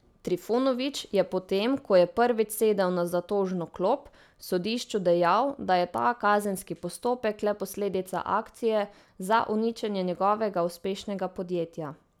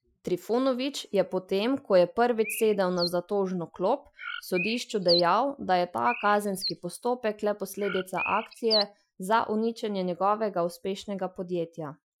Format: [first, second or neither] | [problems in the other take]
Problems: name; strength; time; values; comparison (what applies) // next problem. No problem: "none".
first | noise reduction (classical method Wiener filter)